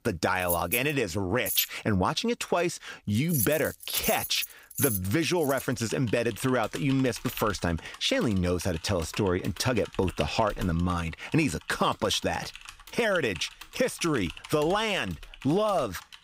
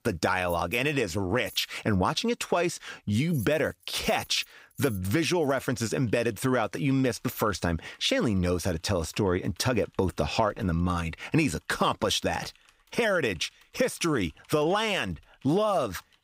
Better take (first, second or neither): second